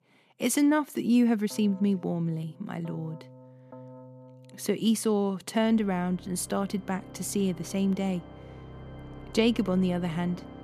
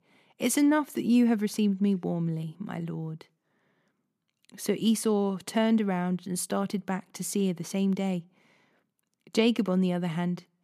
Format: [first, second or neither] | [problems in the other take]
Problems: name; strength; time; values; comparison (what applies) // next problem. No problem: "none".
second | background music; noticeable; throughout; 20 dB below the speech